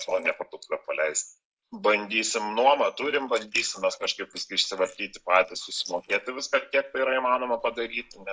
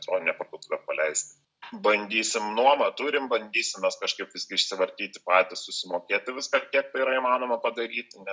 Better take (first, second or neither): second